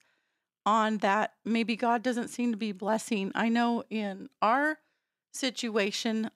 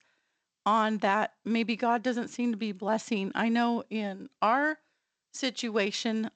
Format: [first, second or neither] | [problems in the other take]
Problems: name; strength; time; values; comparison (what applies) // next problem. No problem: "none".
first | garbled, watery; slightly; nothing above 7.5 kHz